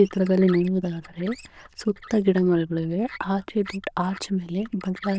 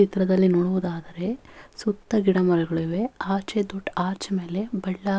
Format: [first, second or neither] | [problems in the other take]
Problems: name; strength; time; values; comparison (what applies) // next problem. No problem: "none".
second | noise reduction (neural diffusion model UNIVERSE++)